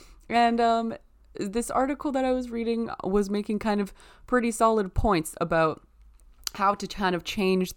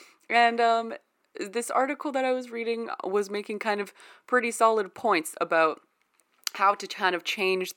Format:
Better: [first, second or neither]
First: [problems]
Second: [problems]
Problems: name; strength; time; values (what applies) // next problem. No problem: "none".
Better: first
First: none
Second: thin; somewhat; fading below 300 Hz